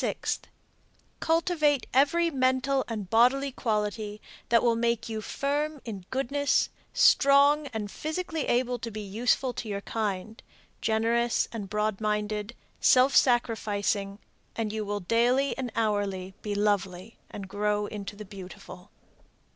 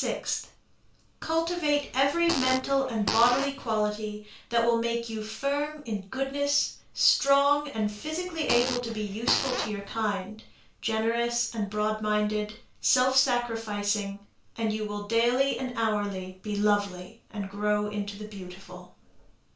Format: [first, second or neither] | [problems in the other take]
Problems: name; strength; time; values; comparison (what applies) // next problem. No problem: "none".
first | background sound (Fart); 6 dB below the speech // room echo; dies away in 0.3 s